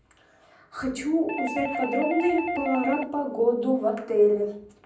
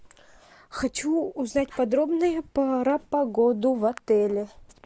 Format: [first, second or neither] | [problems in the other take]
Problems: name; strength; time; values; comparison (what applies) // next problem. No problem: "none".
second | background sound (Doorbell); 7 dB below the speech // room echo; dies away in 0.6 s